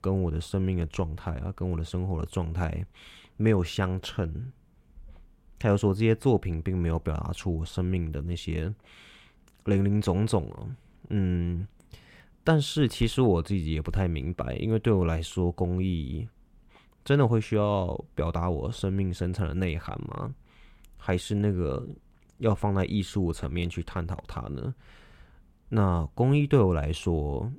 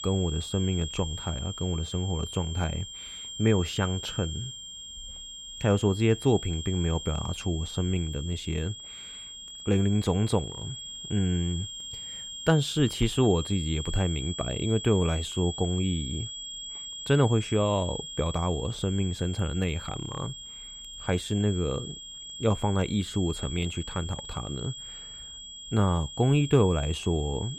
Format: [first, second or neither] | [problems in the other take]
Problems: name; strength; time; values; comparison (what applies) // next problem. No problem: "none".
first | high-pitched whine; loud; throughout; 3.5 kHz, 9 dB below the speech